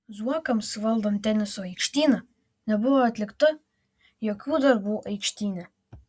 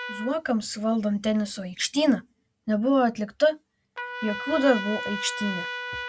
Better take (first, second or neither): first